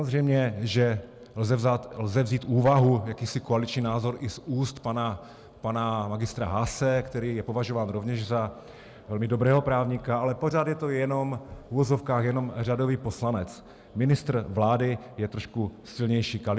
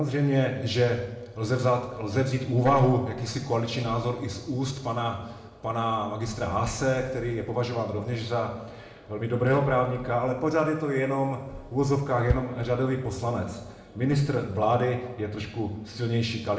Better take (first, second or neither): first